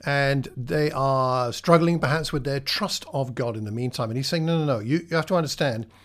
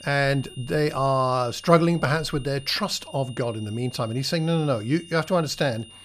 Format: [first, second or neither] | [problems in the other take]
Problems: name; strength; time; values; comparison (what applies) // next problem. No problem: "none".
first | high-pitched whine; noticeable; throughout; 3 kHz, 20 dB below the speech